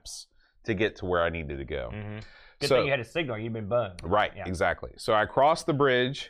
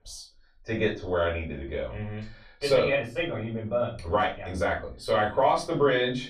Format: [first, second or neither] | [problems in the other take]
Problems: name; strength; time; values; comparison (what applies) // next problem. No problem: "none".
first | room echo; slight; dies away in 0.3 s // off-mic speech; far